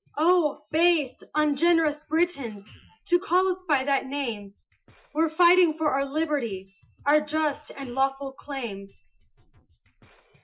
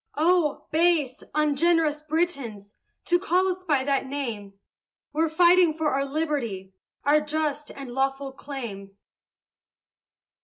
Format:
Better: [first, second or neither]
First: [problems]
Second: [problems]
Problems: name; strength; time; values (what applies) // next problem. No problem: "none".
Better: second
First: noise reduction (classical method Wiener filter)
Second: none